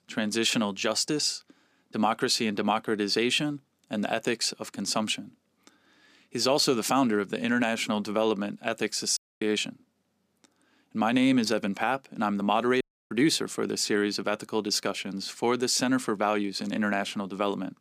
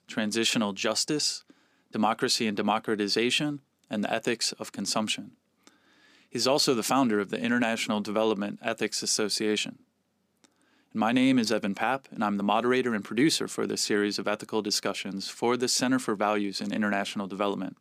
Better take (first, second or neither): second